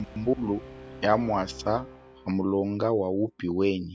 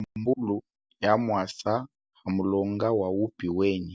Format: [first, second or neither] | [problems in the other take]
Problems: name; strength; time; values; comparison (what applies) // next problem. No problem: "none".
second | background sound (Brass instrument); 18 dB below the speech